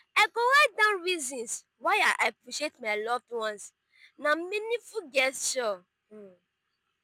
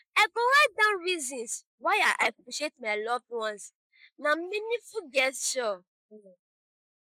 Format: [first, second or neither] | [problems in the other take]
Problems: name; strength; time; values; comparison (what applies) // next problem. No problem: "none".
first | noise reduction (neural mask model Resemble Enhance denoiser)